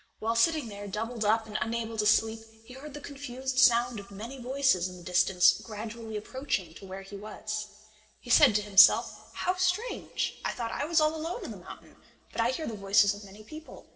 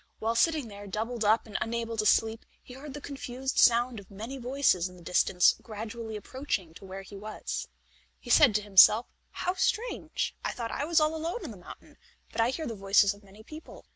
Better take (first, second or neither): second